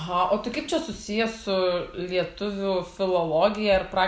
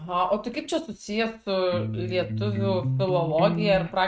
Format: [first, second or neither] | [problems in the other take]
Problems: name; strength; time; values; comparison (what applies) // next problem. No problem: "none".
first | noise reduction (neural mask model RNNoise)